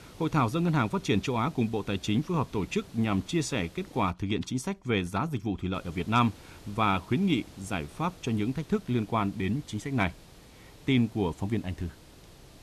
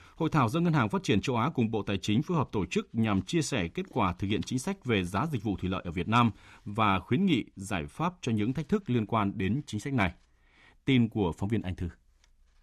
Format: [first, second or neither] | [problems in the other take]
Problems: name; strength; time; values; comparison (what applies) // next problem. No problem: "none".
second | hiss; faint; until 4 s and from 5.5 s on; 20 dB below the speech